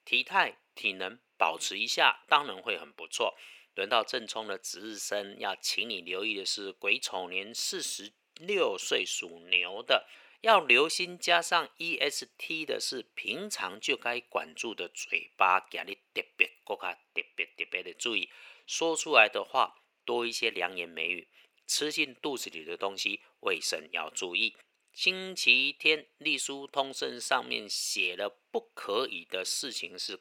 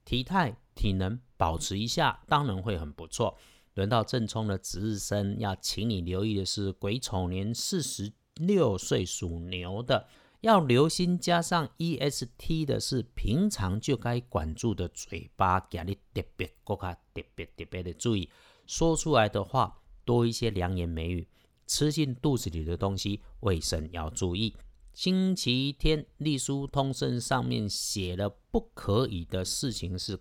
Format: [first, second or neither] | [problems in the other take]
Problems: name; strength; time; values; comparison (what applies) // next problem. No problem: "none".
second | thin; very; fading below 400 Hz